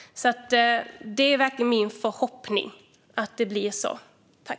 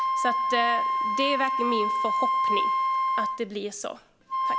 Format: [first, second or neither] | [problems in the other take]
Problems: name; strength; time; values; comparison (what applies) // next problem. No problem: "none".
first | background sound (Wind instrument, woodwind instrument); 5 dB above the speech